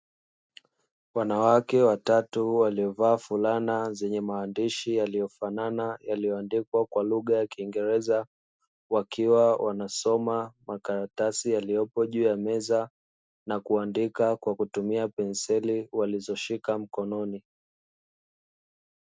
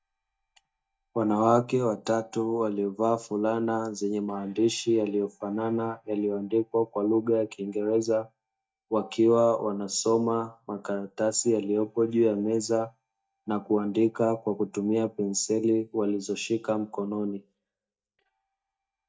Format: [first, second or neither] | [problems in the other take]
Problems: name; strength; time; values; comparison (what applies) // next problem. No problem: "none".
first | noise reduction (neural mask model DeepFilterNet 3)